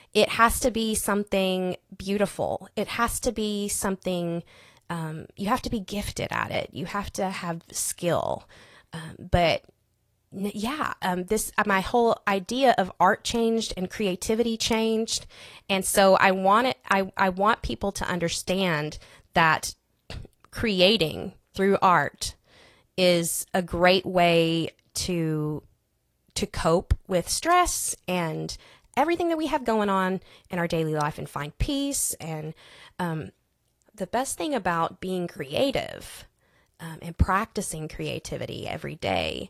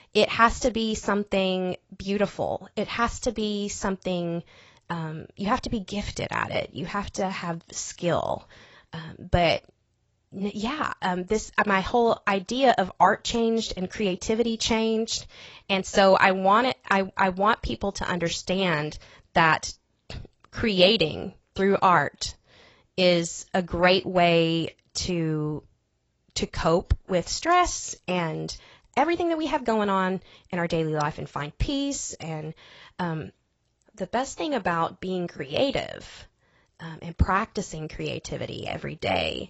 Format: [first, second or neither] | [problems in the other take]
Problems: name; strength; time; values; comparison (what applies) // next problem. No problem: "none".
first | garbled, watery; badly; nothing above 7.5 kHz; slightly in the first